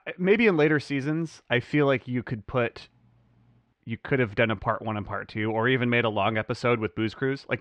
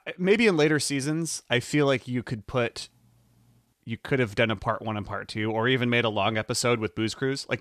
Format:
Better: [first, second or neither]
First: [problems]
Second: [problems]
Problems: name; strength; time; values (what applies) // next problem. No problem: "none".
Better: second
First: muffled; slightly; fading above 2 kHz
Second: none